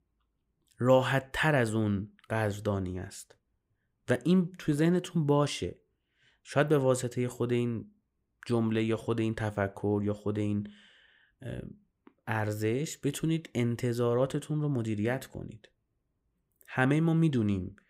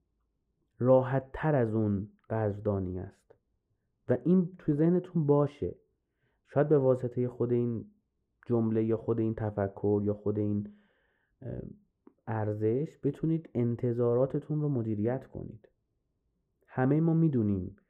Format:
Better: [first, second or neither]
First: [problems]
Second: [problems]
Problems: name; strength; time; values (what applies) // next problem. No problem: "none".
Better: first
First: none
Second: muffled; very; fading above 2 kHz